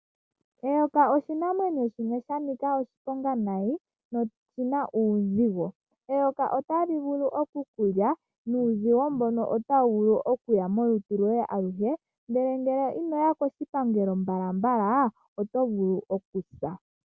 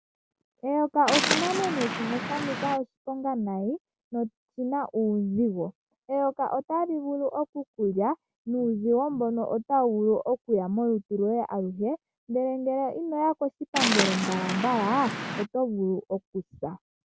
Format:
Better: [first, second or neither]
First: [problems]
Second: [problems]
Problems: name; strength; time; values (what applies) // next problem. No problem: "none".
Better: first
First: none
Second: background sound (Waves, surf); 3 dB below the speech